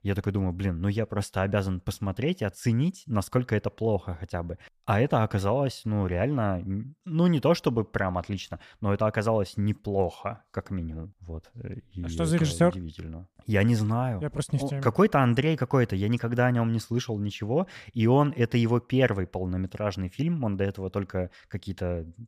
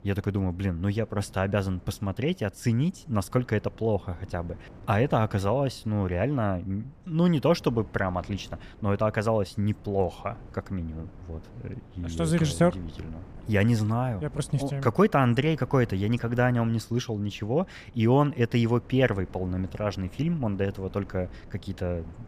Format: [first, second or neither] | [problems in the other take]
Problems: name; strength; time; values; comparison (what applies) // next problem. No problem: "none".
first | wind noise on the microphone; occasional gusts; 25 dB below the speech